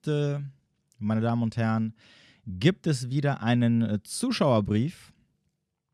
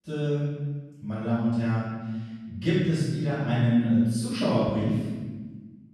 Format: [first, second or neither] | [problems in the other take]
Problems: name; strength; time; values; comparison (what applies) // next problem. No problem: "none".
first | off-mic speech; far // room echo; strong; dies away in 1.3 s